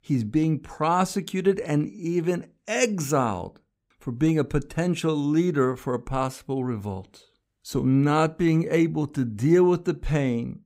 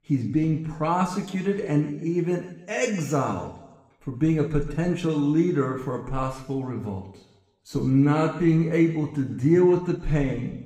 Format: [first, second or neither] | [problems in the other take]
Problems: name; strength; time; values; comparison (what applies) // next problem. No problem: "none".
first | room echo; noticeable; dies away in 1 s // off-mic speech; far